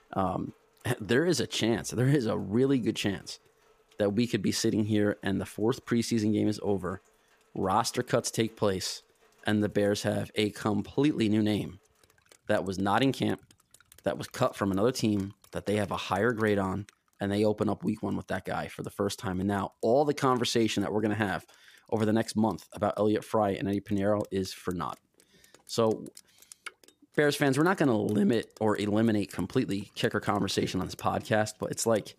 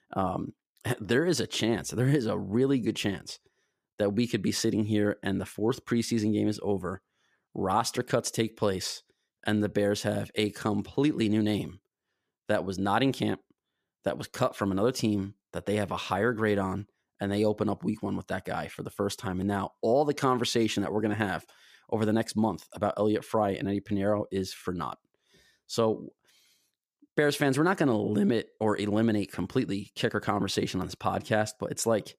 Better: second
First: rain or running water; faint; throughout; 25 dB below the speech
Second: none

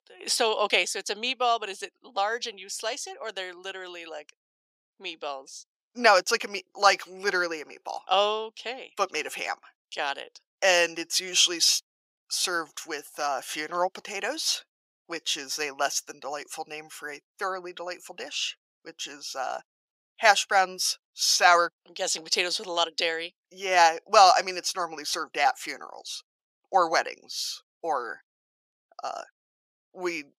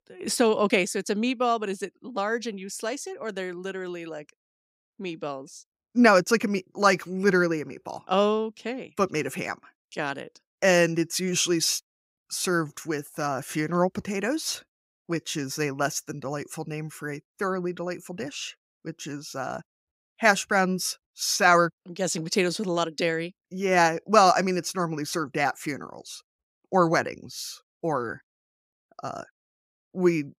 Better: second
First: thin; very; fading below 600 Hz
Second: none

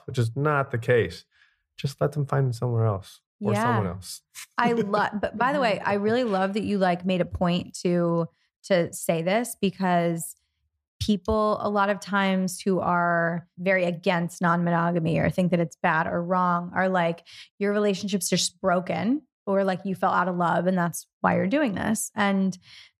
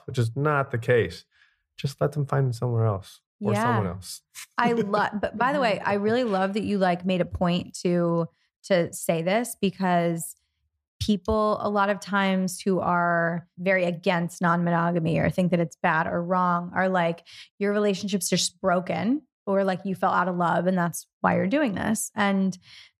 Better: neither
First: none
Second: none

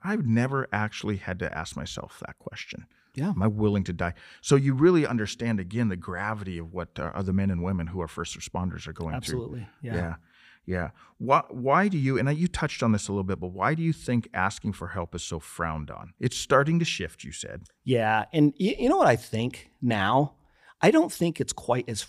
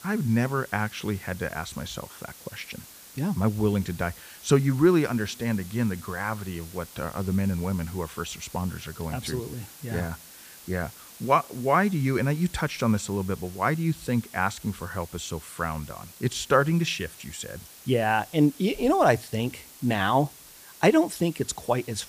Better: first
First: none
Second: hiss; noticeable; throughout; 20 dB below the speech

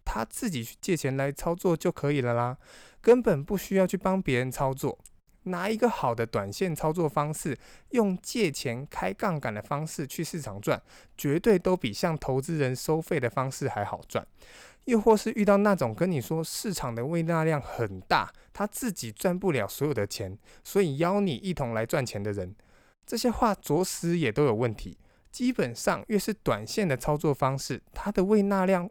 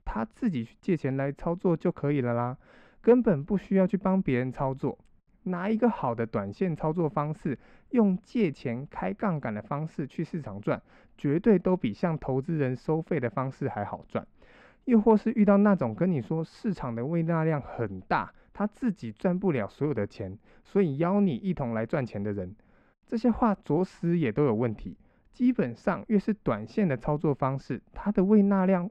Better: first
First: none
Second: muffled; very; fading above 2 kHz

